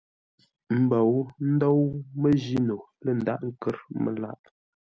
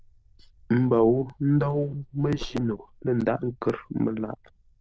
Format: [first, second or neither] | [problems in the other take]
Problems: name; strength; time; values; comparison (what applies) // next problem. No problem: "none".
first | noise reduction (neural diffusion model UNIVERSE++)